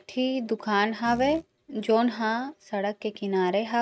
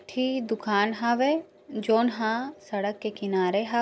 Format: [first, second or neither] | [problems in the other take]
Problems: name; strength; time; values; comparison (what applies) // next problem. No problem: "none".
second | noise reduction (neural mask model RNNoise)